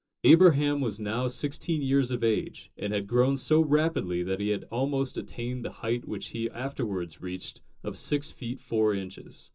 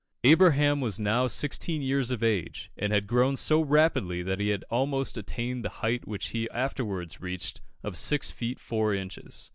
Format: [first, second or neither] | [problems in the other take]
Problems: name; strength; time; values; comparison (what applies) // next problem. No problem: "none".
second | room echo; dies away in 0.2 s